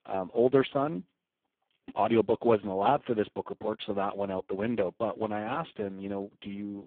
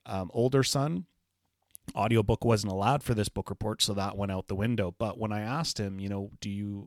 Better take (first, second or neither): second